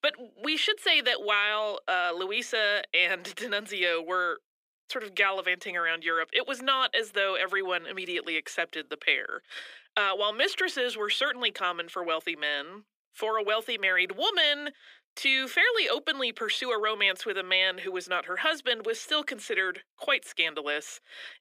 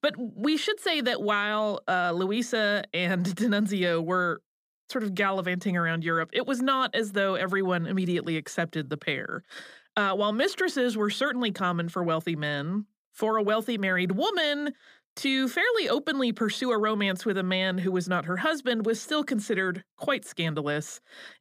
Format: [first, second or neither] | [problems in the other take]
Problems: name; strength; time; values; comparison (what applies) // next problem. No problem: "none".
second | thin; very; fading below 350 Hz